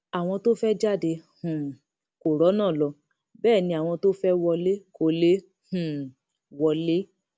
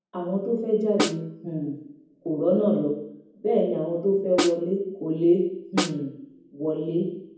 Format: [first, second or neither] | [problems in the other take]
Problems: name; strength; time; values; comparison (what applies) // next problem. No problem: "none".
first | background sound (Snare drum); 6 dB below the speech // room echo; dies away in 1.2 s